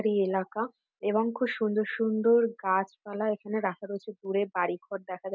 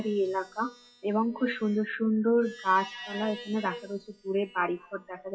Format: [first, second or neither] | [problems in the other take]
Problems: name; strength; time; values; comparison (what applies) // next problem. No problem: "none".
first | noise reduction (classical method WPE with log-MMSE)